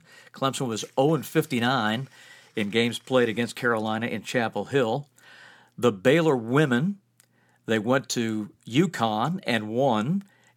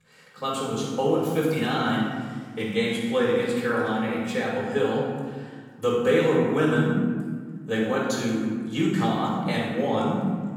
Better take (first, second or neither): first